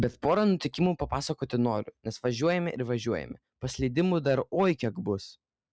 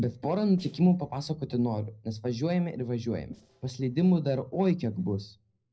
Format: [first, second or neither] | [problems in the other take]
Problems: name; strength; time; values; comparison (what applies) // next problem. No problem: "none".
first | noise reduction (neural separator model SepFormer DNS4)